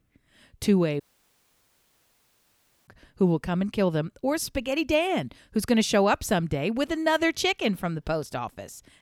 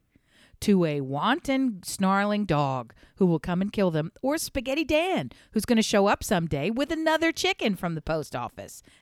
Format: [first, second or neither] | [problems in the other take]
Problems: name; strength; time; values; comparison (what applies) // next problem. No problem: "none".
second | audio cutting out; at 1 s for 2 s